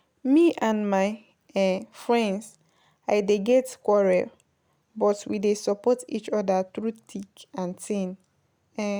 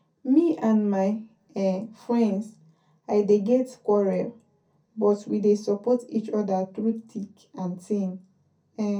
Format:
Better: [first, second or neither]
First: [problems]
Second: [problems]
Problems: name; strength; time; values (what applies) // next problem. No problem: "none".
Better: first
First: none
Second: room echo; dies away in 0.3 s